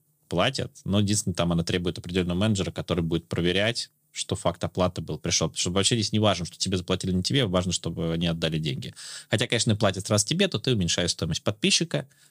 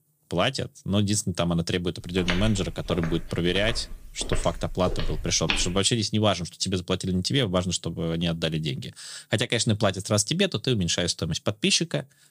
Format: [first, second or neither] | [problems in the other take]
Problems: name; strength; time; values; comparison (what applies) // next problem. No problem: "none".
first | footsteps; noticeable; from 2 to 6 s; peak 2 dB below the speech